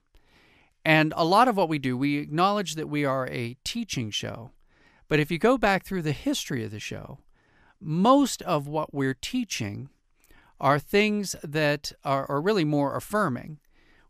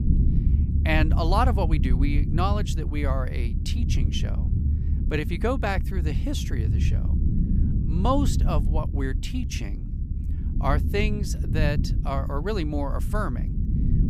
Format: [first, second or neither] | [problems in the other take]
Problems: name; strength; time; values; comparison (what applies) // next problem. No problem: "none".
first | low rumble; loud; throughout; 10 dB below the speech